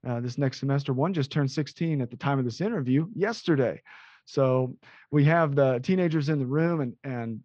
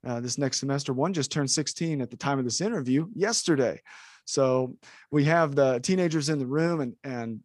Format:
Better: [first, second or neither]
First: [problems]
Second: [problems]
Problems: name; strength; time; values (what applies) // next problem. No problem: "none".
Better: second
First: muffled; slightly; fading above 4 kHz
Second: none